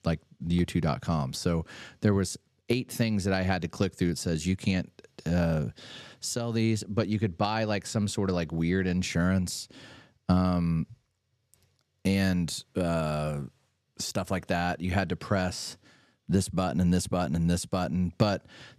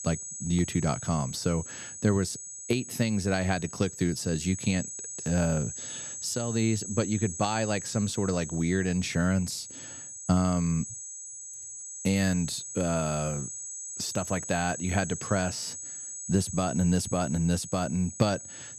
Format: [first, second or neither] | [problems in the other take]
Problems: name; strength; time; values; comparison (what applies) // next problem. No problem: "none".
first | high-pitched whine; loud; throughout; 8 kHz, 8 dB below the speech